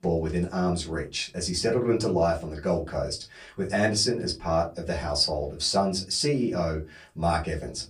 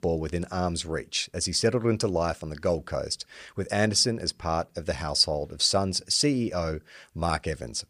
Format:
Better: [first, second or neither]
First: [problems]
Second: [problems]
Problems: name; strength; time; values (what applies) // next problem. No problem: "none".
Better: second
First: off-mic speech; far // room echo; very slight; dies away in 0.3 s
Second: none